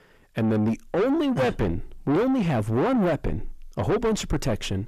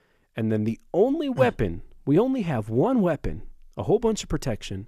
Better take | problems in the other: second | distortion; heavy; 6 dB below the speech

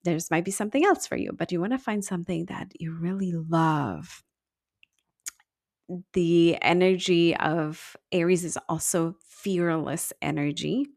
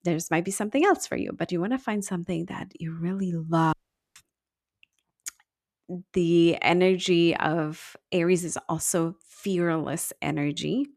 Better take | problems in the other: first | audio cutting out; at 3.5 s

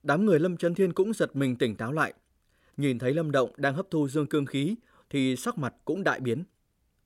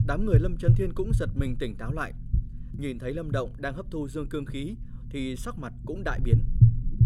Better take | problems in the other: first | low rumble; loud; throughout; 5 dB below the speech

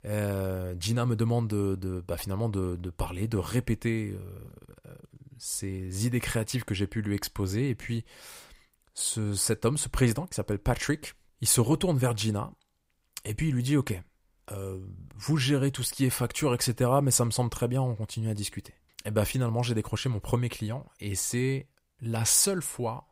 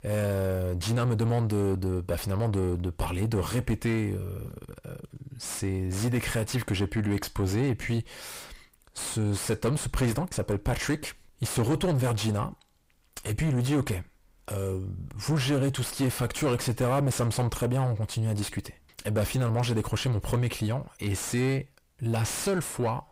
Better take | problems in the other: first | distortion; heavy; 5 dB below the speech

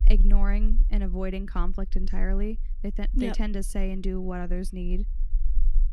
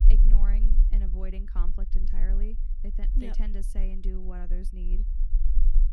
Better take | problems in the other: first | low rumble; loud; throughout; 7 dB below the speech; faint in the first

